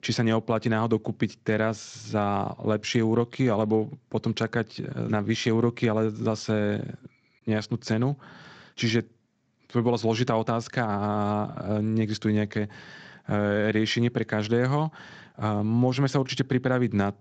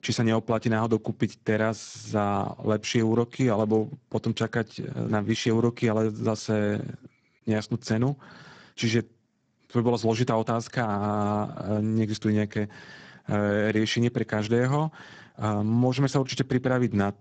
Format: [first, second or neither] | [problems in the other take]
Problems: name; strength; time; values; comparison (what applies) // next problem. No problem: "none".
first | garbled, watery; badly; nothing above 7.5 kHz; slightly in the first